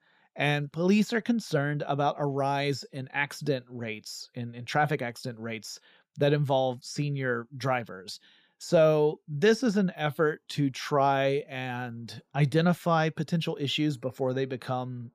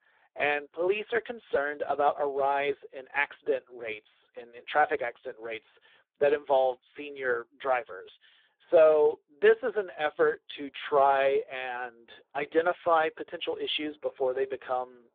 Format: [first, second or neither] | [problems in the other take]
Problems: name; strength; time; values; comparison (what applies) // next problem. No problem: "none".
first | phone-call audio; poor line; nothing above 3.5 kHz